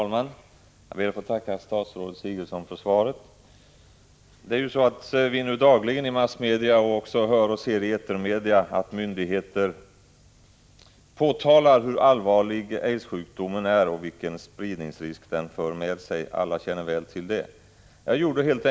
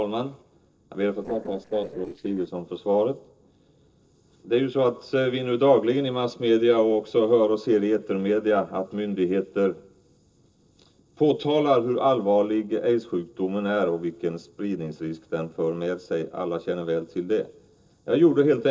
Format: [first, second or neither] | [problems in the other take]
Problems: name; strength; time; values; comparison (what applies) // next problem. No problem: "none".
first | noise reduction (neural separator model SepFormer DNS4)